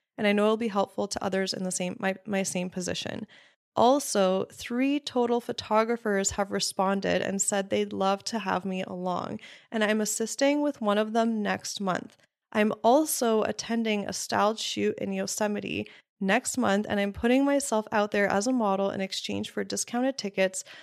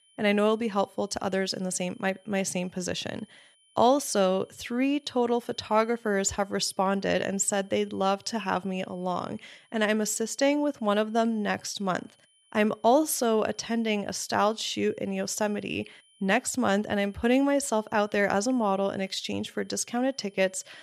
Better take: first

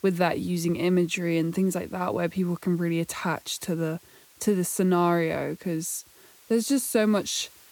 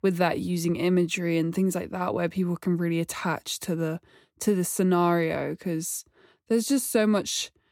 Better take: second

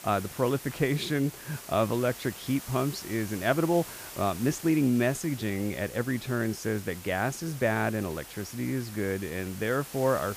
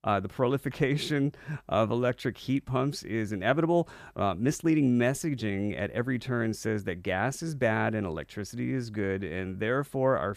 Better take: second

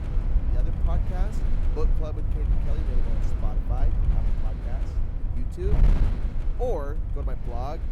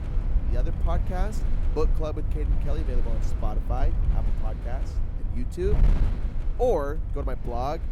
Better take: second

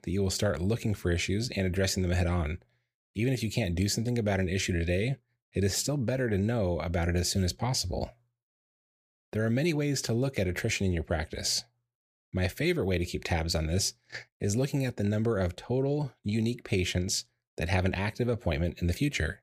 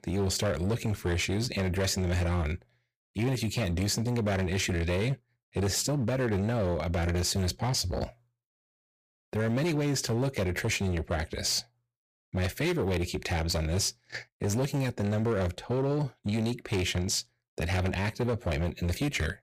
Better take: first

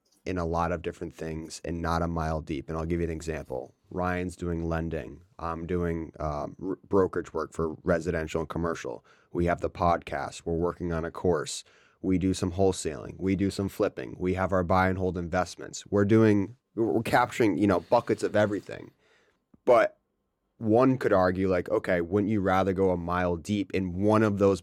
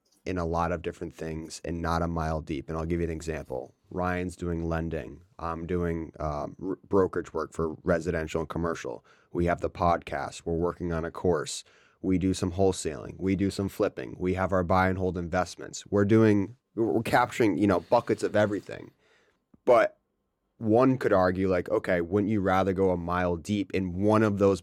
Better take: neither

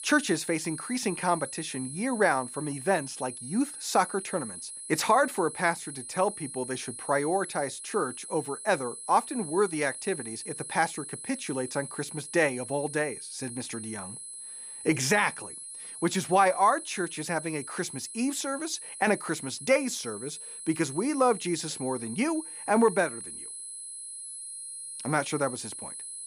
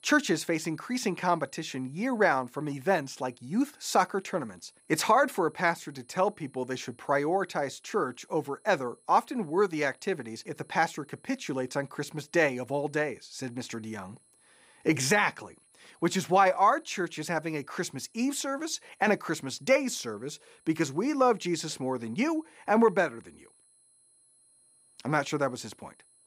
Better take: second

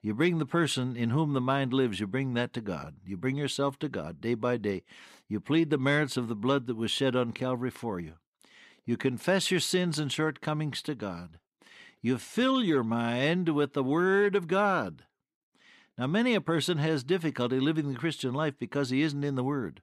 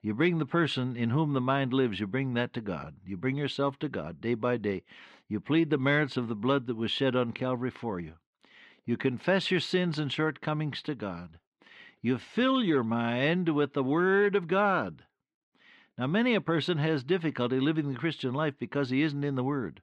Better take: first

